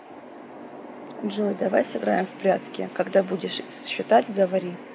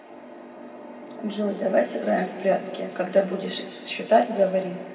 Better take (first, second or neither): first